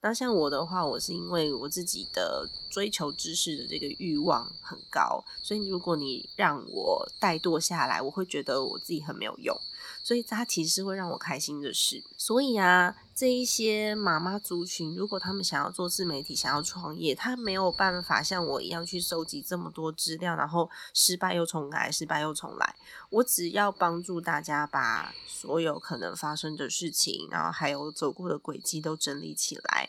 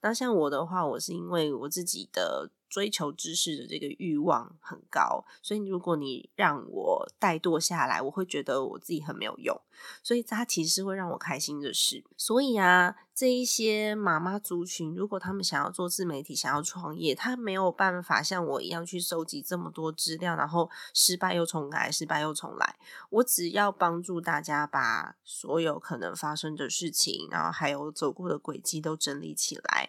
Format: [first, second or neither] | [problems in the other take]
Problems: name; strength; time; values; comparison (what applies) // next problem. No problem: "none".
second | animal sounds; loud; throughout; 10 dB below the speech